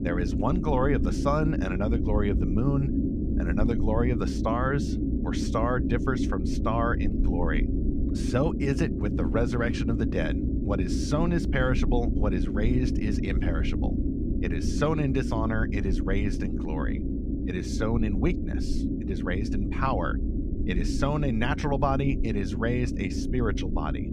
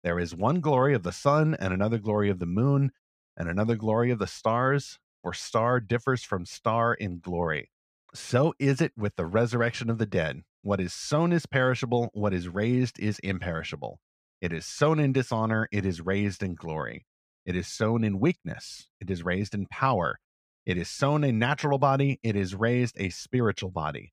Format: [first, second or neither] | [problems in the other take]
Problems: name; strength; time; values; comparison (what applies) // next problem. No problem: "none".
second | low rumble; loud; throughout; 5 dB below the speech